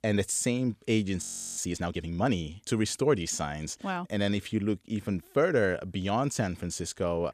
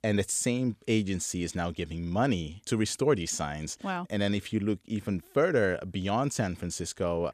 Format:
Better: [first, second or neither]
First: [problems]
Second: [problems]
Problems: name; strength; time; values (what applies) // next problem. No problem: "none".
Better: second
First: audio freezing; at 1 s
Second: none